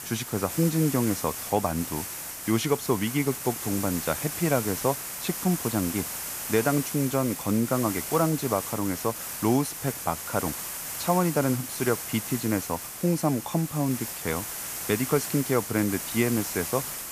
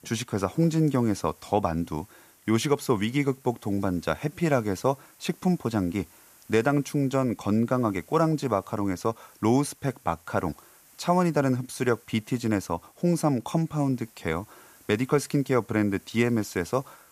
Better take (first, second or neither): second